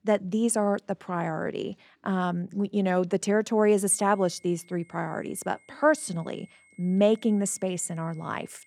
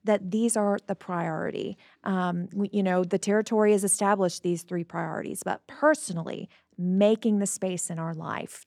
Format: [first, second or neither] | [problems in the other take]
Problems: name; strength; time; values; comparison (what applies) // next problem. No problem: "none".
second | high-pitched whine; faint; from 4 s on; 2 kHz, 30 dB below the speech